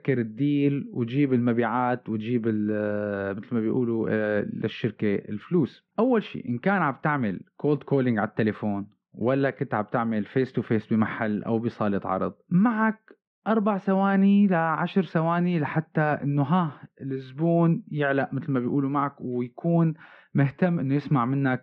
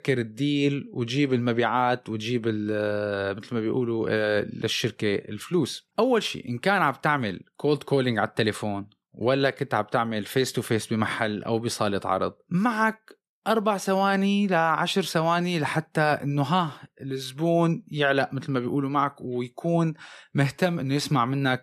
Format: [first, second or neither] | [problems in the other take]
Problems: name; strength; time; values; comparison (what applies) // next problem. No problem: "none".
second | muffled; very; fading above 2.5 kHz